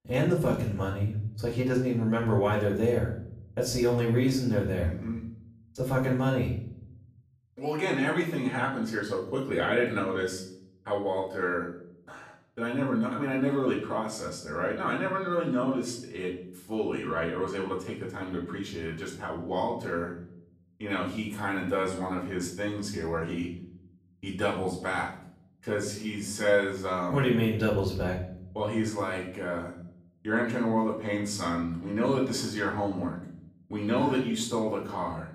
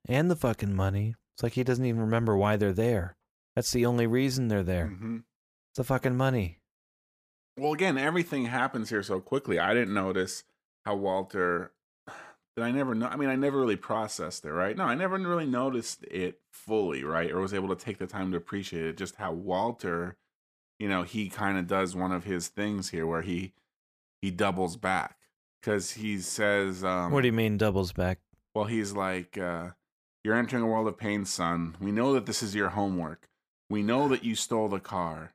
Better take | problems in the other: second | off-mic speech; far // room echo; noticeable; dies away in 0.6 s

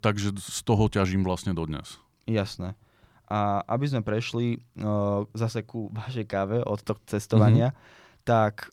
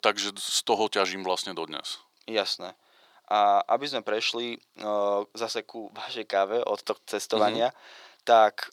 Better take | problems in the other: first | thin; very; fading below 400 Hz

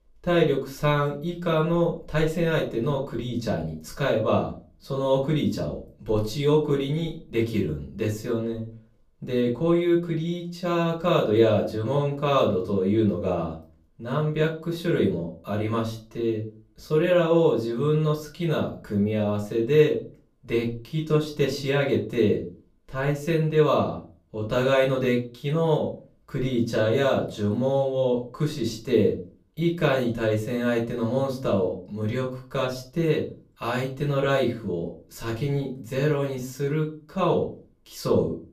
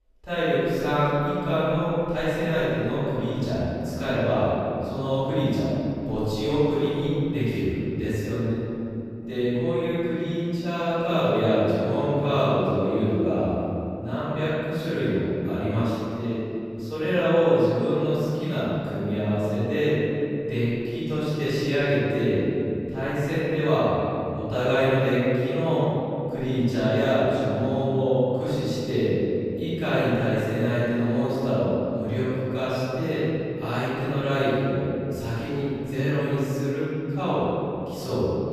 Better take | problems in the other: first | room echo; strong; dies away in 2.9 s; slight in the first // off-mic speech; far; far in the first

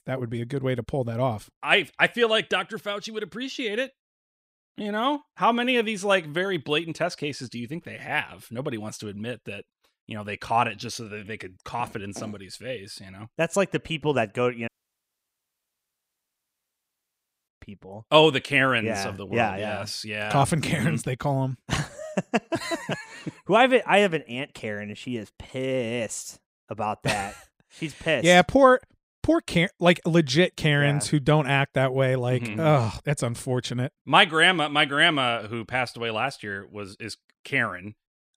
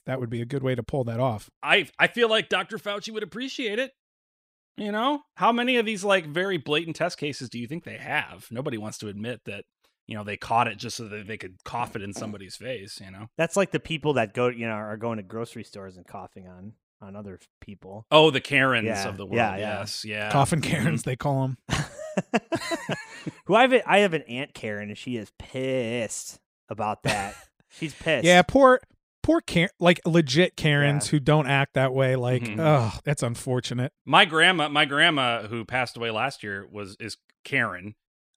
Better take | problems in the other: second | audio cutting out; at 15 s for 3 s

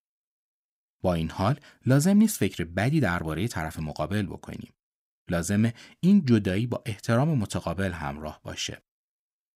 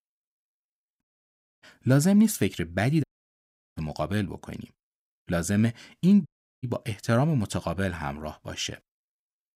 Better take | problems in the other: first | audio cutting out; at 1 s for 0.5 s, at 3 s for 0.5 s and at 6.5 s

